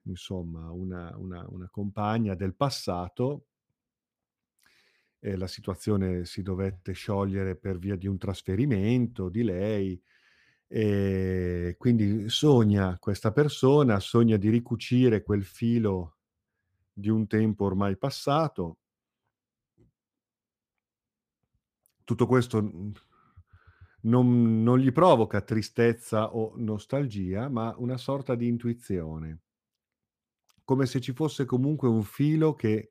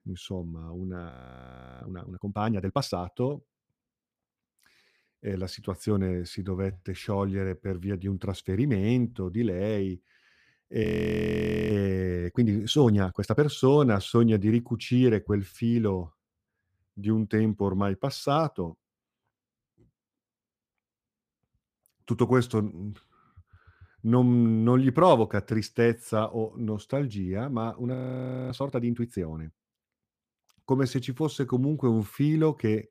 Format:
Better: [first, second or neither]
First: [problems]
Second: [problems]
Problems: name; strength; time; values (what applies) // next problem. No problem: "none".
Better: first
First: none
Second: audio freezing; at 1 s for 0.5 s, at 11 s for 1 s and at 28 s for 0.5 s